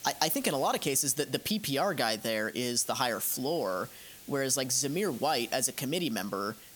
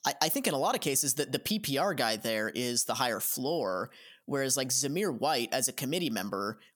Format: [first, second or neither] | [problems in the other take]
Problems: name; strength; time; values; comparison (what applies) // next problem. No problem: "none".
second | hiss; noticeable; throughout; 20 dB below the speech